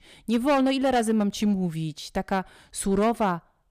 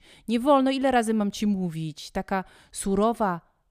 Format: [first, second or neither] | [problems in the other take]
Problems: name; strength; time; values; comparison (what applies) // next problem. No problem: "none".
second | distortion; slight; 7% of the sound clipped